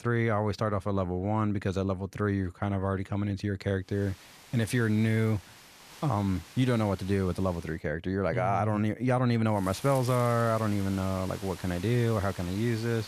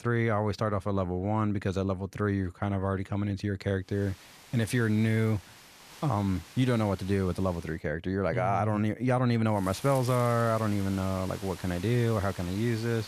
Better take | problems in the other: neither | hiss; noticeable; from 4 to 7.5 s and from 9.5 s on; 15 dB below the speech; the same in both

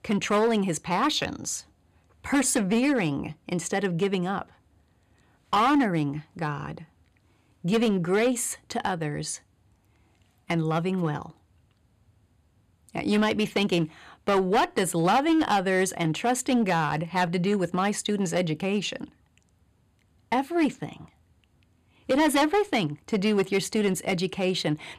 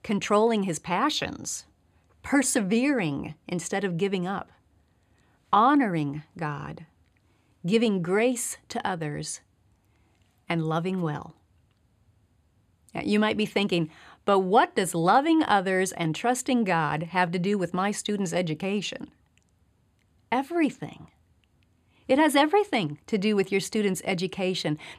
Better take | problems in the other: second | distortion; slight; 5% of the sound clipped

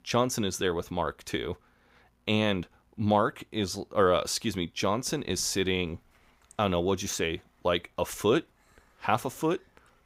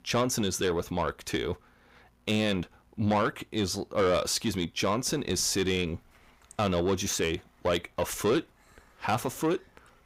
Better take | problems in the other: first | distortion; slight; 10 dB below the speech

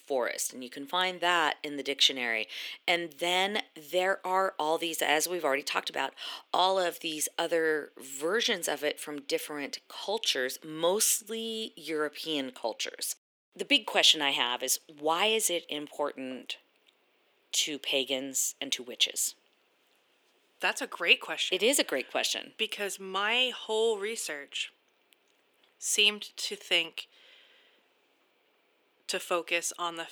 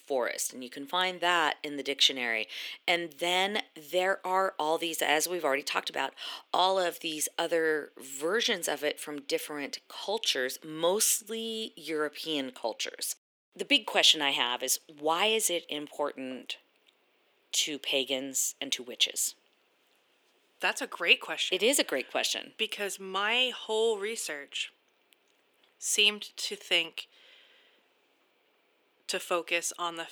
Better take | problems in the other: neither | thin; somewhat; fading below 300 Hz; the same in both

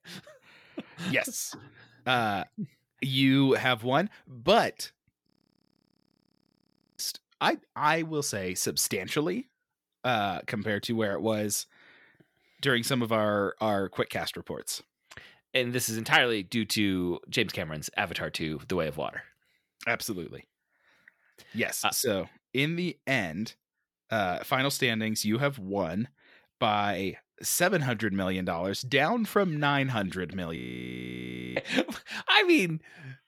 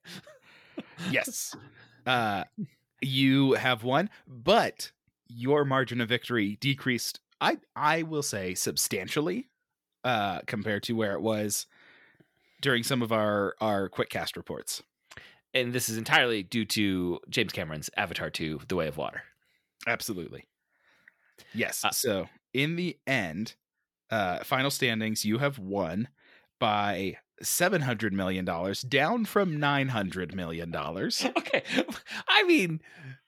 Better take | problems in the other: second | audio freezing; at 5.5 s for 1.5 s and at 31 s for 1 s

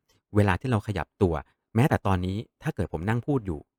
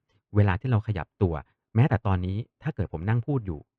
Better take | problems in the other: first | muffled; slightly; fading above 3 kHz

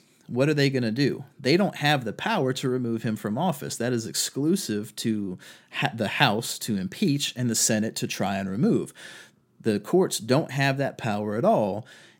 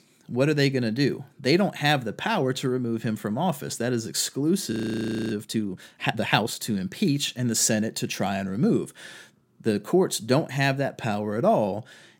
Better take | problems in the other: first | audio freezing; at 4.5 s for 0.5 s

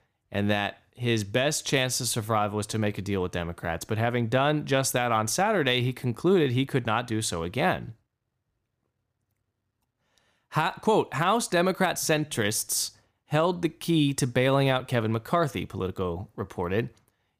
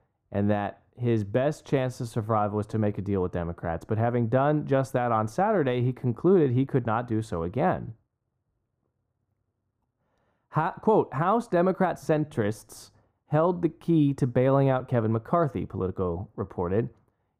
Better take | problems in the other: first | muffled; very; fading above 1.5 kHz

